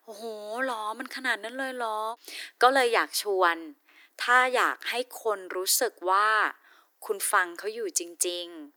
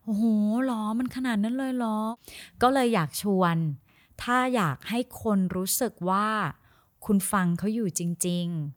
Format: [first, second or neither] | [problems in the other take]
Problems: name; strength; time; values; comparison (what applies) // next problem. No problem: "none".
second | thin; very; fading below 300 Hz